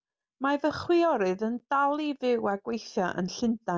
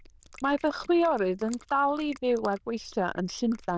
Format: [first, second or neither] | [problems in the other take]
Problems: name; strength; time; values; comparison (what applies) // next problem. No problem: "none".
first | noise reduction (neural diffusion model UNIVERSE++)